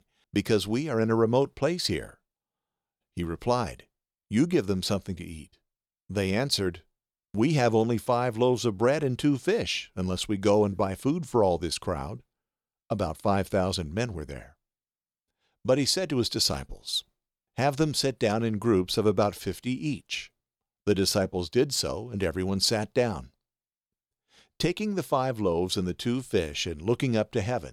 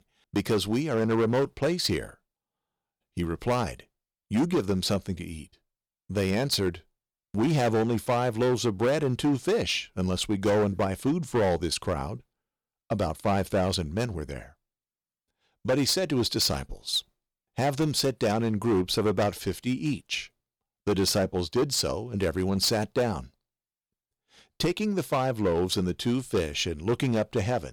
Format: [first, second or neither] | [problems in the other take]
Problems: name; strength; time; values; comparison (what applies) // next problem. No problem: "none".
first | distortion; slight; 7% of the sound clipped